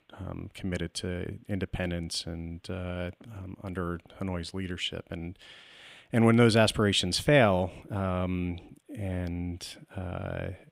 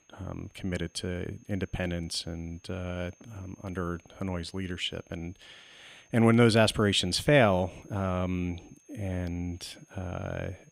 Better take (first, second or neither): first